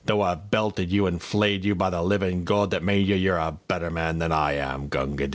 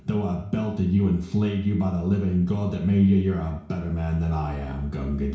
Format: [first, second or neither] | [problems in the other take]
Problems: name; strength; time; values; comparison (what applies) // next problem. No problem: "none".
first | room echo; dies away in 0.6 s